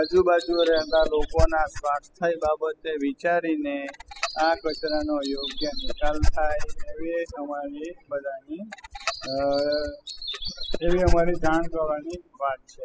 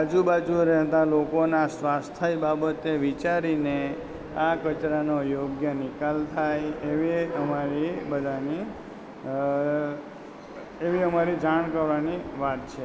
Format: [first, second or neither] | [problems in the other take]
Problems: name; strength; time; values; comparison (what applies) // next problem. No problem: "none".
second | noise reduction (classical method spectral subtraction)